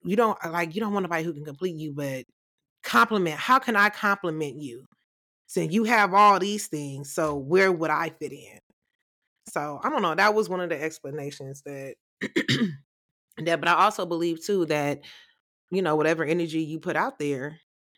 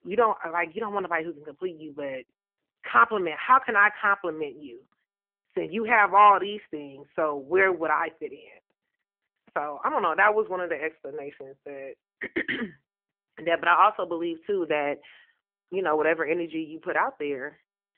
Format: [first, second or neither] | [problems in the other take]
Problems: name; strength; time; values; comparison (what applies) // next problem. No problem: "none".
first | phone-call audio; nothing above 3 kHz